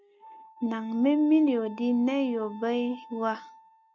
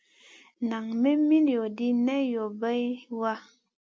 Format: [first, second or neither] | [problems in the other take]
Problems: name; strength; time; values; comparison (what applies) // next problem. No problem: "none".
second | noise reduction (neural mask model RNNoise)